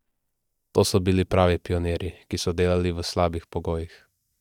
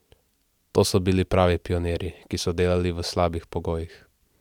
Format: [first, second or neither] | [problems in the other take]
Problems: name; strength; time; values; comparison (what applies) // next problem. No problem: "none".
second | noise reduction (neural mask model DeepFilterNet 3)